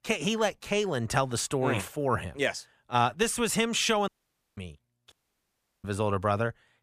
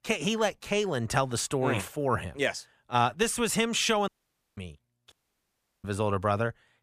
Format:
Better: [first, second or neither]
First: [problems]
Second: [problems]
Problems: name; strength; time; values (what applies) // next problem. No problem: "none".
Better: neither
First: audio cutting out; at 4 s and at 5 s for 0.5 s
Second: audio cutting out; at 4 s and at 5 s for 0.5 s